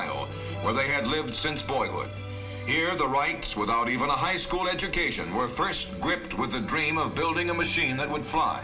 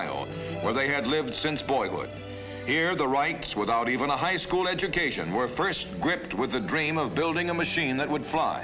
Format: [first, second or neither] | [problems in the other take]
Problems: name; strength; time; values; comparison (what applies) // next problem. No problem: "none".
second | room echo; dies away in 0.2 s